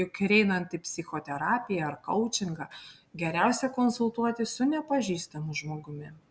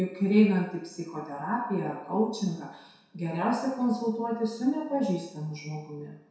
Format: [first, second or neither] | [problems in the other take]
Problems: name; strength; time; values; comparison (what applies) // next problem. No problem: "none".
first | room echo; dies away in 0.7 s